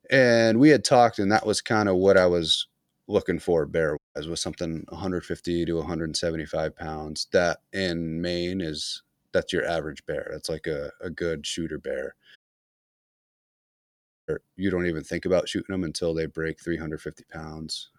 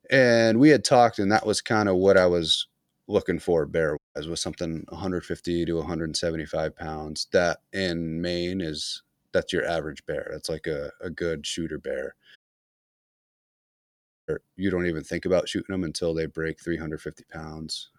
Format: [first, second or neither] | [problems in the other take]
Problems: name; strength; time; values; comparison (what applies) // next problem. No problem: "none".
neither | audio cutting out; at 4 s and at 12 s for 2 s; the same in both